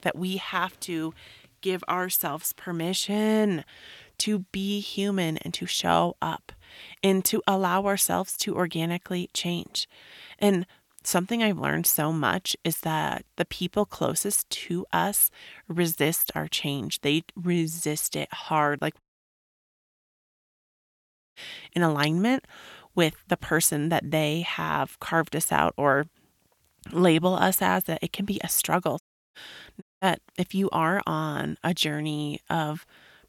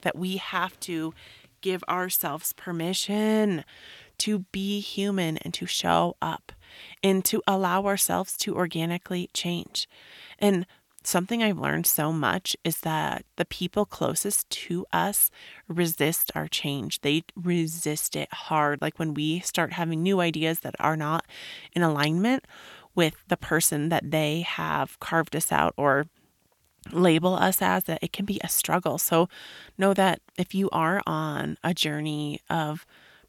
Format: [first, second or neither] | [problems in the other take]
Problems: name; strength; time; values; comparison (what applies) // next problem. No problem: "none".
second | audio cutting out; at 19 s for 2.5 s, at 29 s and at 30 s